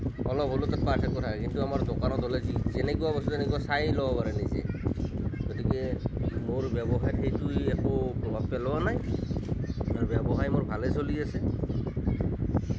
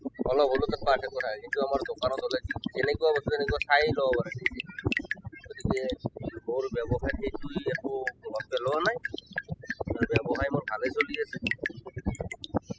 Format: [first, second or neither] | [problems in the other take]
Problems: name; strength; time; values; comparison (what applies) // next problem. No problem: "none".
first | noise reduction (classical method spectral subtraction)